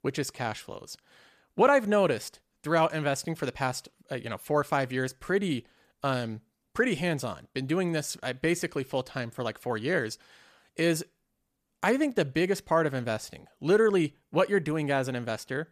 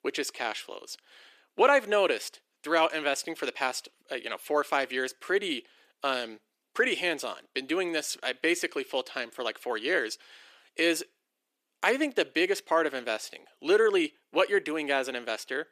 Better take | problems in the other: first | thin; somewhat; fading below 350 Hz

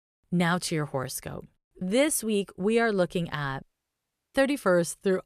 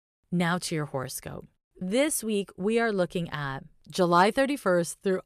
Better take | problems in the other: second | audio cutting out; at 3.5 s for 0.5 s

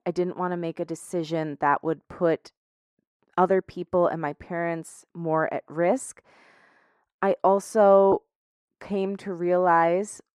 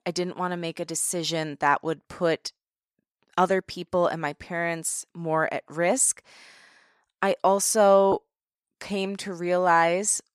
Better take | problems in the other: second | muffled; very; fading above 2.5 kHz

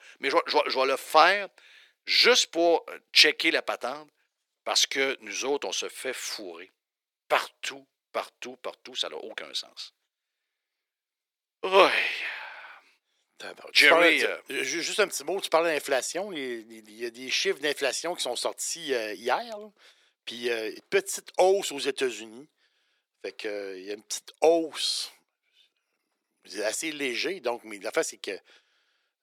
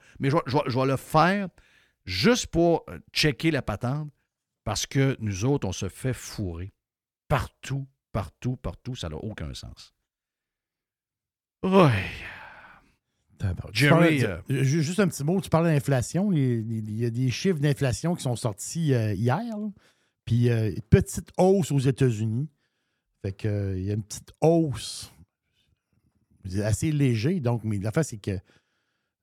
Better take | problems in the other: second | thin; very; fading below 400 Hz

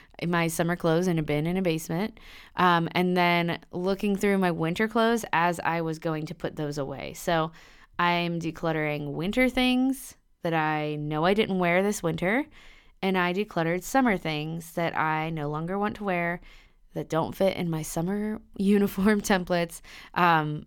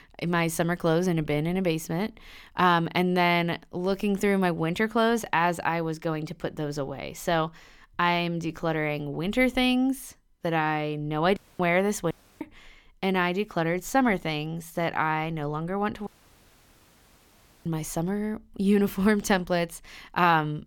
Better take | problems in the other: first | audio cutting out; at 11 s, at 12 s and at 16 s for 1.5 s

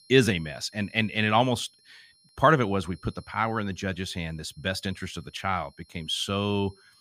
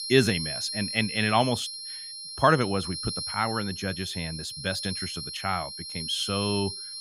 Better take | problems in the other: first | high-pitched whine; loud; throughout; 4 kHz, 5 dB below the speech; faint in the first

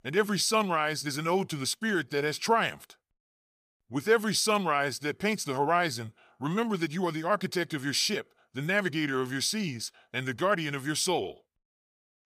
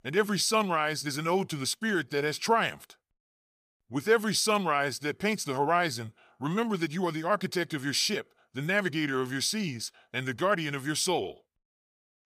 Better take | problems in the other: neither | none

